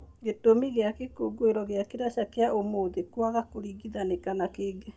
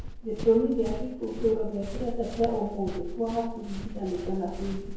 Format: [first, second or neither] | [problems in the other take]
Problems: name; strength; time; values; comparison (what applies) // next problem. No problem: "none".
first | background sound (Run); 7 dB below the speech // room echo; dies away in 0.9 s